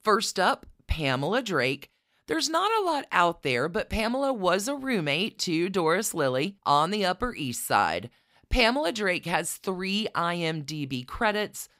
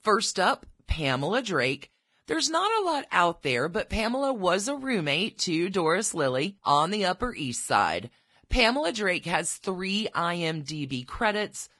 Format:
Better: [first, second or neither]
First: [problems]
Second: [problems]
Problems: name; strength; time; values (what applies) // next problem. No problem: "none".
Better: first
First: none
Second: garbled, watery; badly; nothing above 10.5 kHz